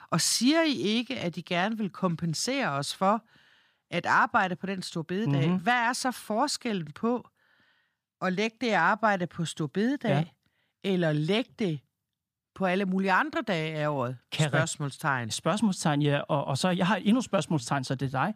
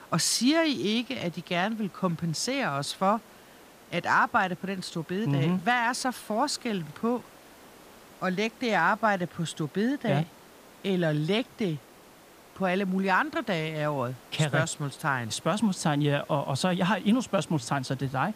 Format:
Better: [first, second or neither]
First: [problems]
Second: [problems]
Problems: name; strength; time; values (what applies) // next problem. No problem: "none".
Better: first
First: none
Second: hiss; faint; throughout; 25 dB below the speech